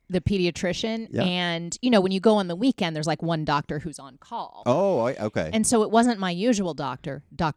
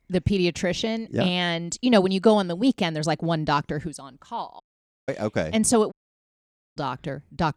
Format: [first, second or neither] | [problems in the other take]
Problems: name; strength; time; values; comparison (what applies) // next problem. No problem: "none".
first | audio cutting out; at 4.5 s and at 6 s for 1 s